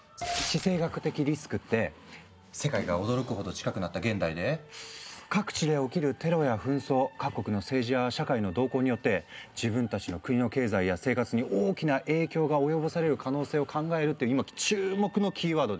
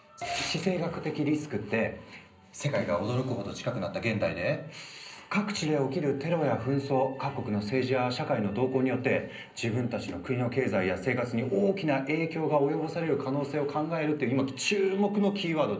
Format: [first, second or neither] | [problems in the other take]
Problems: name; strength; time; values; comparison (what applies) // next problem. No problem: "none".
first | room echo; dies away in 0.5 s